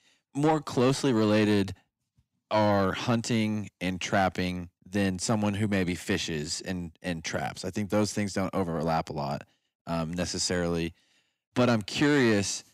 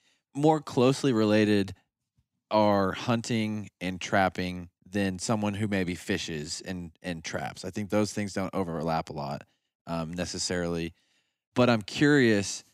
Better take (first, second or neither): second